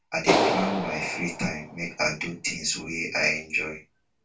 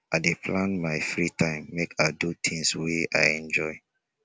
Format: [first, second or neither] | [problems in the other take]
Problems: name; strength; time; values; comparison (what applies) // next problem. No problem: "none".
second | background sound (Clapping); 1 dB below the speech // room echo; dies away in 0.2 s